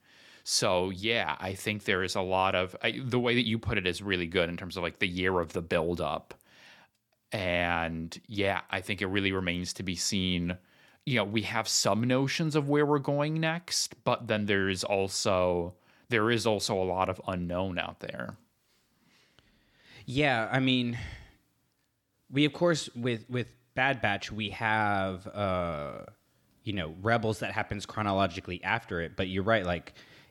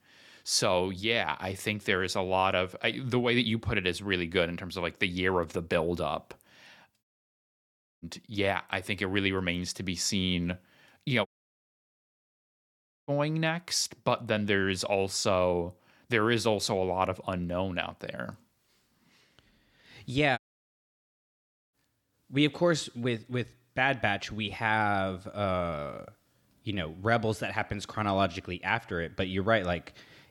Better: first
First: none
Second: audio cutting out; at 7 s for 1 s, at 11 s for 2 s and at 20 s for 1.5 s

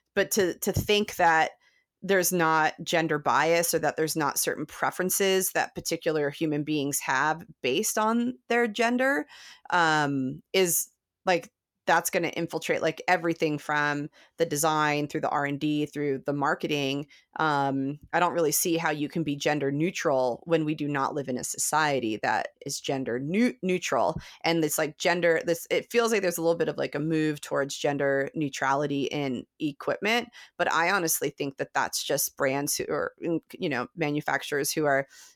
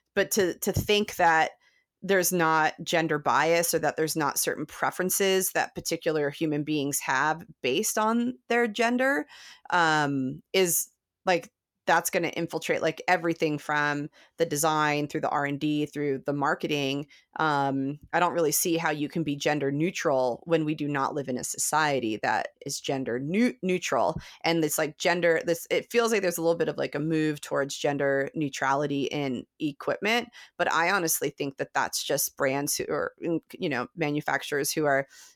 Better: neither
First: none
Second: none

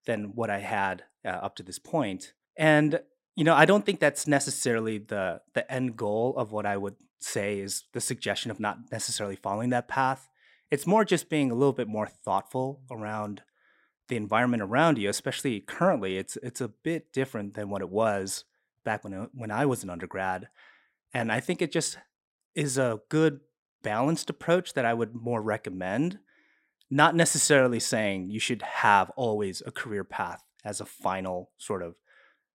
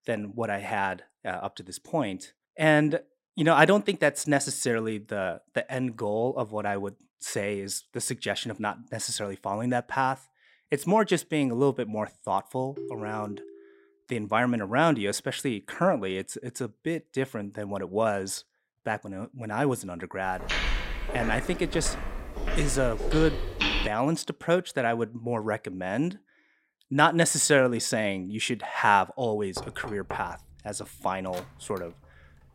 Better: first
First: none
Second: phone ringing; faint; at 13 s; peak 10 dB below the speech // footsteps; loud; from 20 to 24 s; peak 1 dB above the speech // door banging; faint; from 30 to 32 s; peak 10 dB below the speech

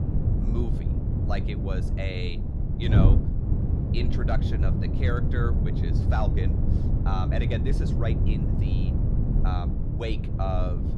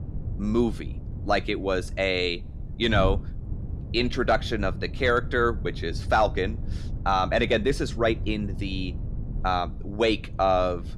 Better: second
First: wind noise on the microphone; heavy; 2 dB below the speech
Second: wind noise on the microphone; occasional gusts; 20 dB below the speech

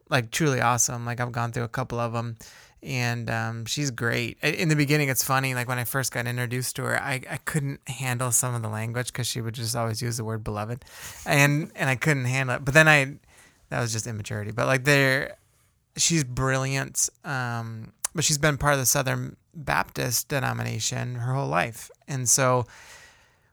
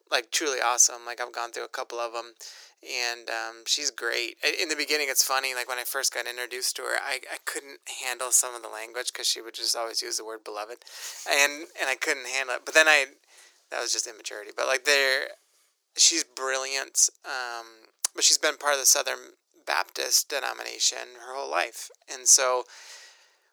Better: first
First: none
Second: thin; very; fading below 350 Hz

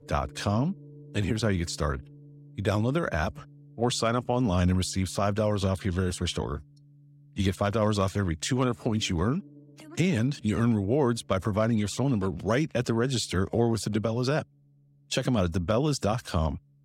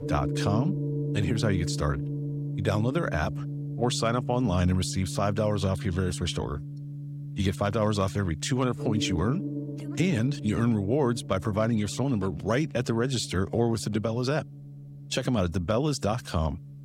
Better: first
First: background music; faint; throughout; 25 dB below the speech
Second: background music; loud; throughout; 7 dB below the speech

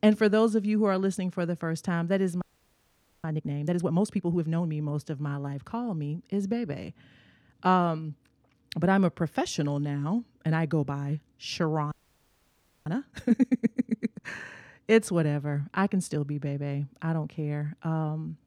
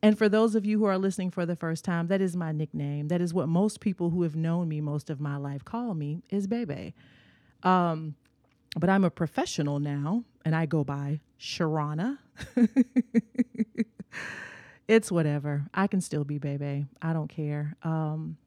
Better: second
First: audio freezing; at 2.5 s for 1 s and at 12 s for 1 s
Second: none

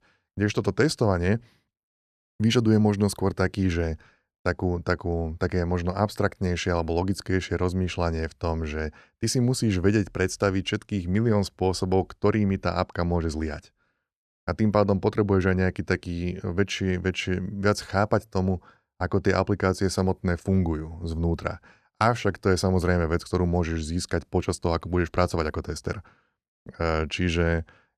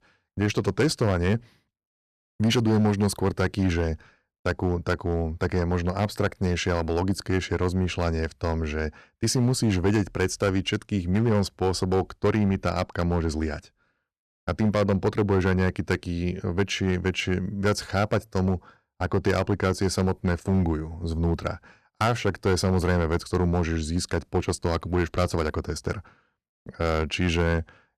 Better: first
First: none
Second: distortion; slight; 5% of the sound clipped

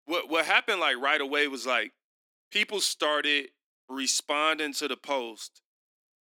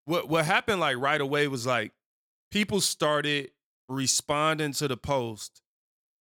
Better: second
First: thin; very slightly; fading below 250 Hz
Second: none

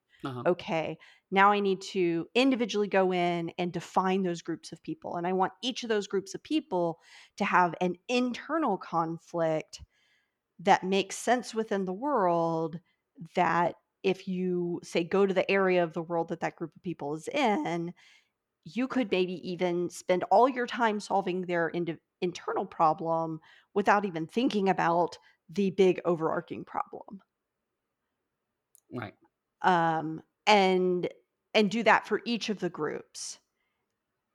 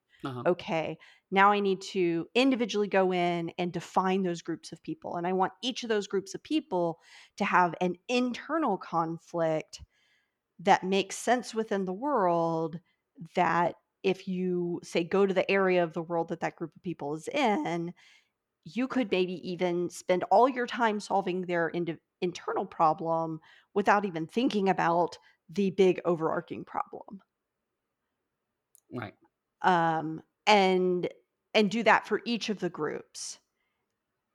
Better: neither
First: none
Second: none

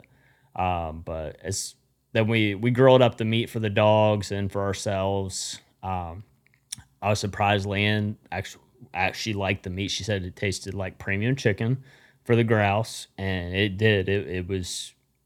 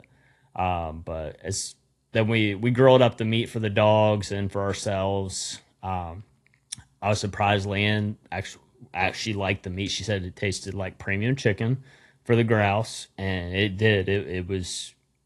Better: first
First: none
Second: garbled, watery; slightly

